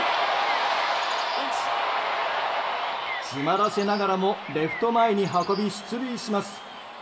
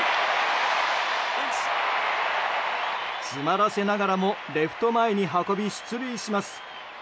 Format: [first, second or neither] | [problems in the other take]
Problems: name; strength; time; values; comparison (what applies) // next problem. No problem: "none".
second | background sound (Bird); 15 dB below the speech // room echo; dies away in 2.9 s